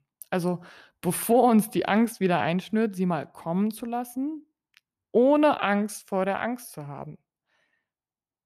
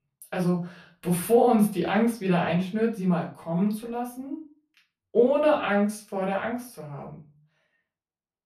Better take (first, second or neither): first